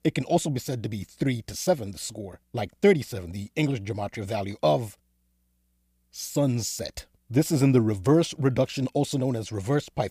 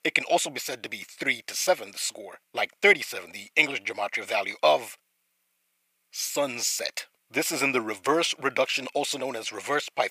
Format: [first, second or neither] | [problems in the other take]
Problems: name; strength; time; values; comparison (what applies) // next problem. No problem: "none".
first | thin; very; fading below 650 Hz